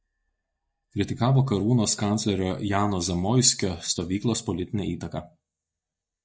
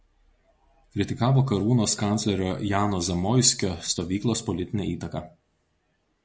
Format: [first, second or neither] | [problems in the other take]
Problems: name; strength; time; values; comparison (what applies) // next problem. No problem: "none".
second | noise reduction (neural mask model DeepFilterNet 3)